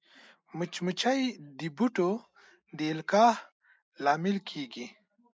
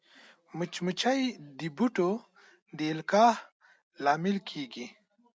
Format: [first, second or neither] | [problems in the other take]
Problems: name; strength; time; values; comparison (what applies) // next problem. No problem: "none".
second | noise reduction (neural mask model Resemble Enhance denoiser)